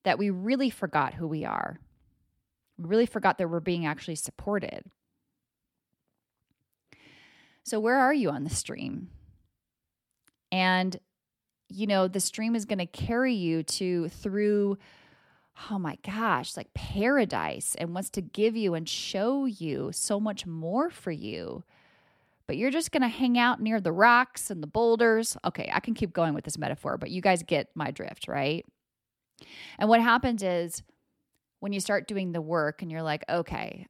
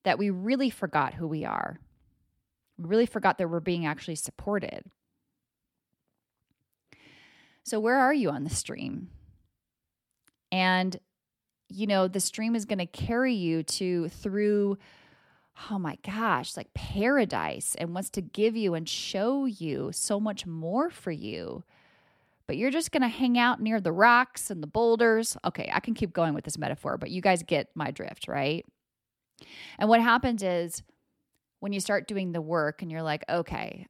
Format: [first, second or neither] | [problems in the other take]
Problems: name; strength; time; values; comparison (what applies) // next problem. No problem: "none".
neither | none